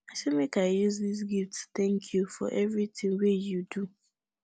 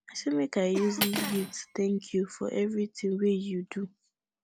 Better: first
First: none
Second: background sound (Cough + Cutlery, silverware); 7 dB below the speech

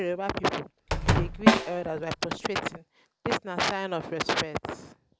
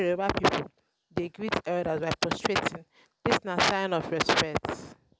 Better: second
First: background sound (Slam + Snare drum); 4 dB above the speech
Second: none

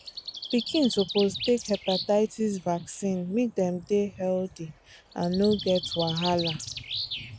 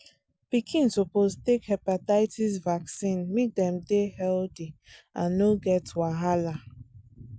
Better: second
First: background sound (Bird); 10 dB below the speech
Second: none

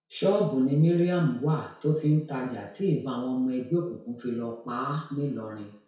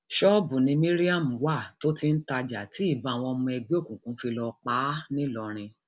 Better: second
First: room echo; dies away in 0.6 s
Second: none

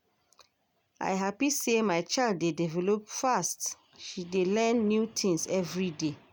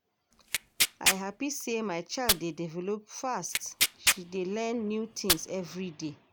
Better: first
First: none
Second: background sound (Tearing); 3 dB above the speech

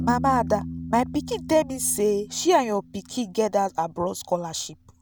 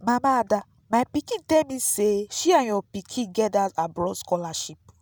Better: second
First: background sound (Piano); 11 dB below the speech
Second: none

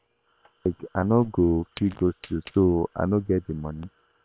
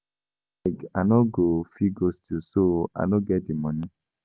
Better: second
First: noise reduction (neural separator model SepFormer WHAM!)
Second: none

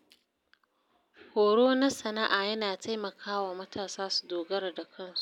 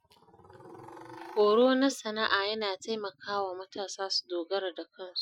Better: first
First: none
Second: noise reduction (classical method Wiener filter)

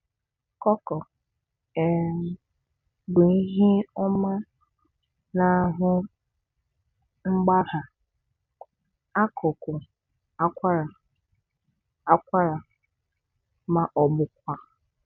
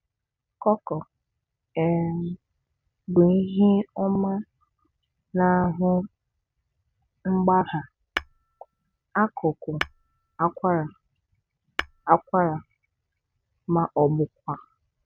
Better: first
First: none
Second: background sound (Tap / Hammer); 11 dB below the speech

